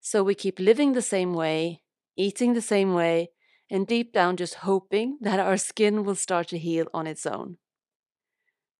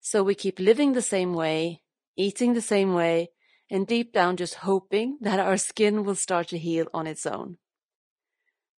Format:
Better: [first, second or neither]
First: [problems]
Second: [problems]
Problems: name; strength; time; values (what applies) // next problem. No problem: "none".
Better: first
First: none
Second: garbled, watery; slightly